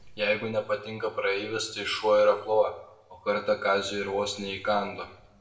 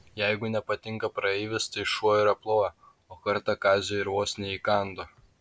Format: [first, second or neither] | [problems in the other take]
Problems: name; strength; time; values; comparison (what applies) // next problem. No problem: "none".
second | room echo; dies away in 0.6 s